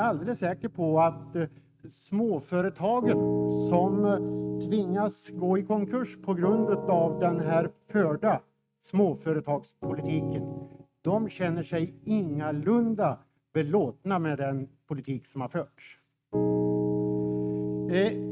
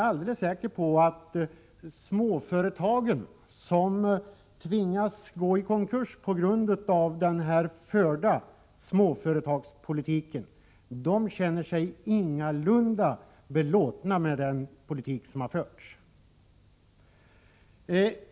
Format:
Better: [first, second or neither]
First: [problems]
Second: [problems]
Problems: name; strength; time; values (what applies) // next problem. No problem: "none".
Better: second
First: noise reduction (neural mask model RNNoise)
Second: none